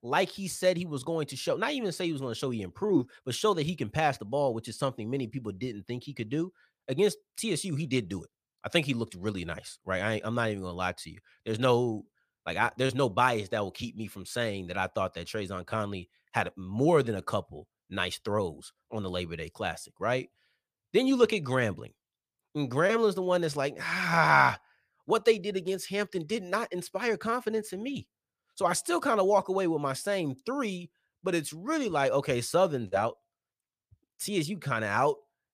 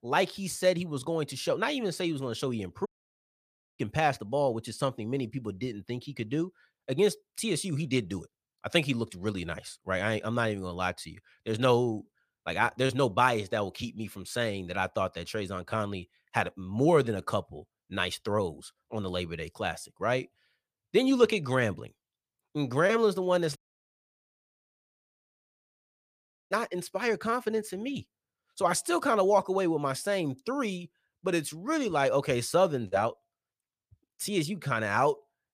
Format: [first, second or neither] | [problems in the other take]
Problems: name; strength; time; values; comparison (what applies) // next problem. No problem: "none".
first | audio cutting out; at 3 s for 1 s and at 24 s for 3 s